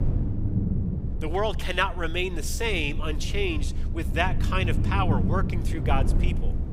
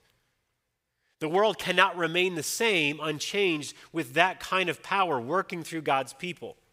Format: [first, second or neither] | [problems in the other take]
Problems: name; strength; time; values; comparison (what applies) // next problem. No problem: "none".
second | low rumble; noticeable; throughout; 10 dB below the speech